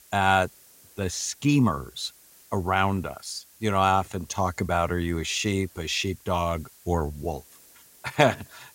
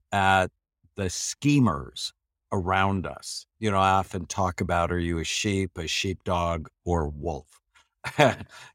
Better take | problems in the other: second | hiss; faint; throughout; 25 dB below the speech

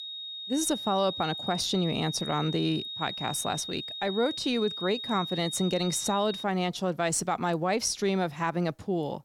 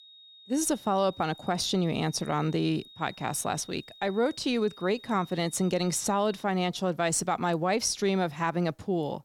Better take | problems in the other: second | high-pitched whine; loud; until 6.5 s; 3.5 kHz, 6 dB below the speech; faint in the second

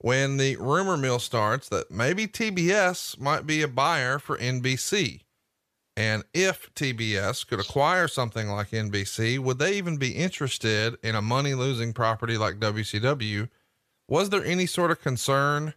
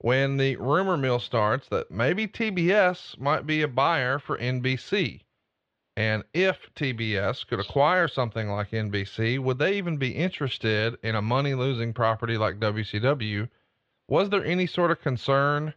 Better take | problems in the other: first | muffled; slightly; fading above 3.5 kHz

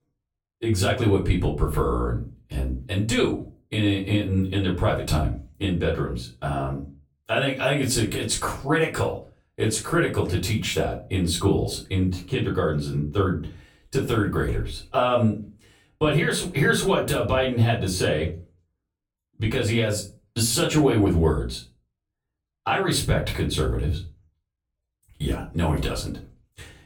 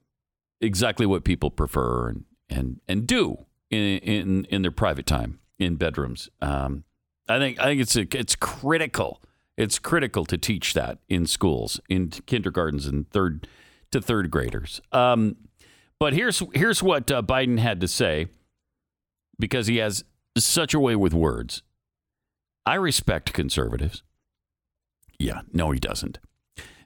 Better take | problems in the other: second | off-mic speech; far // room echo; slight; dies away in 0.3 s

